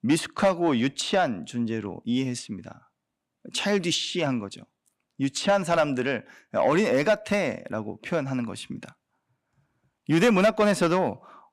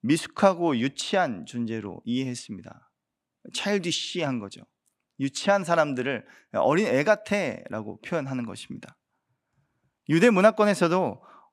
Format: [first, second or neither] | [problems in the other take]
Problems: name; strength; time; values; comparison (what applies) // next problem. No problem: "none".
second | distortion; slight; 10 dB below the speech